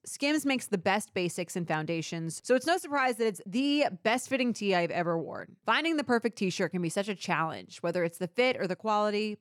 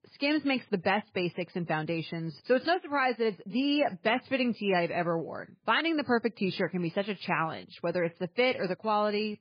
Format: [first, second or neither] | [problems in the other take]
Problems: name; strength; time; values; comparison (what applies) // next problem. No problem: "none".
first | garbled, watery; badly; nothing above 4.5 kHz